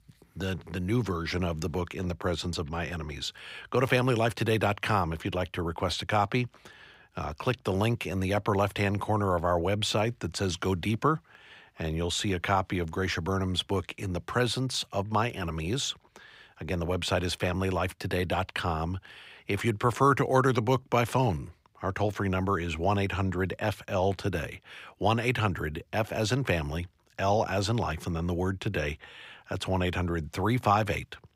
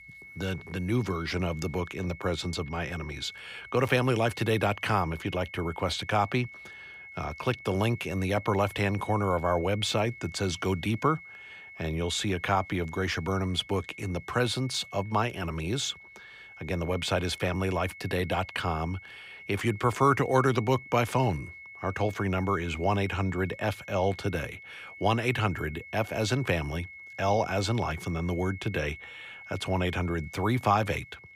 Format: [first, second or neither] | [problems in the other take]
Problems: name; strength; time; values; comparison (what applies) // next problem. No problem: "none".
first | high-pitched whine; noticeable; throughout; 2 kHz, 15 dB below the speech